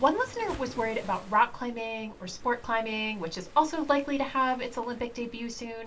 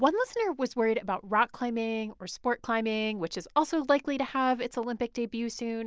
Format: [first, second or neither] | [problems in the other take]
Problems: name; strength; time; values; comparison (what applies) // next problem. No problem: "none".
second | background sound (Waves, surf); 20 dB below the speech // room echo; dies away in 0.2 s